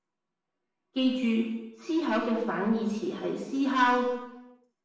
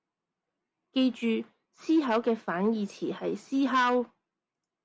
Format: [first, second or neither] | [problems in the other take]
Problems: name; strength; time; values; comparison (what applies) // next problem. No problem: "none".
second | room echo; dies away in 0.9 s